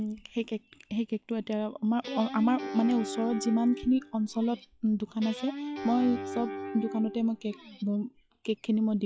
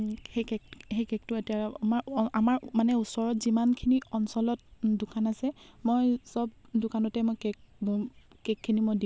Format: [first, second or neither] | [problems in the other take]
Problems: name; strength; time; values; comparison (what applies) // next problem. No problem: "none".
second | noise reduction (classical method log-MMSE)